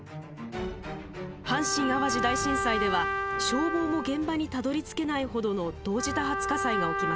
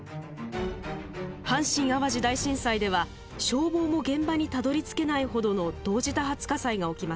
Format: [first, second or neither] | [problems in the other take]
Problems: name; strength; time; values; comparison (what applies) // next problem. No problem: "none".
second | background sound (Trumpet); 3 dB below the speech